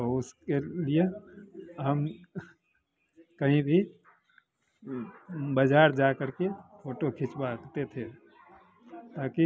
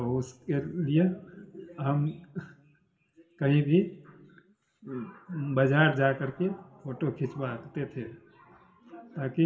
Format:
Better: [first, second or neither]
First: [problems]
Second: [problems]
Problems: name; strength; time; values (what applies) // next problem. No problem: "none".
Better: first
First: none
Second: room echo; dies away in 1.4 s